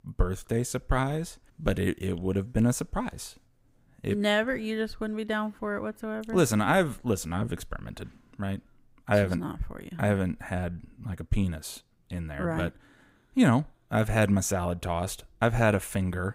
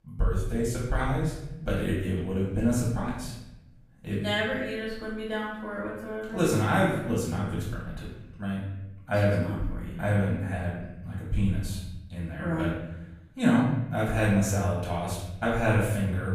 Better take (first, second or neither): first